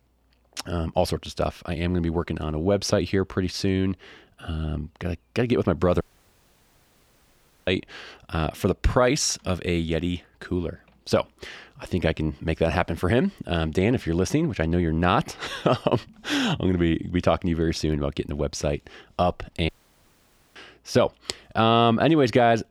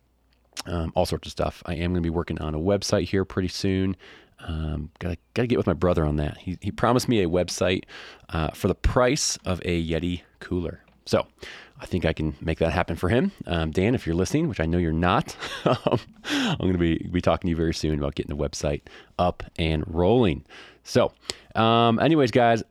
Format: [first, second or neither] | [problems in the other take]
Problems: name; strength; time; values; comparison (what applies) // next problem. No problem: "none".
second | audio cutting out; at 6 s for 1.5 s and at 20 s for 1 s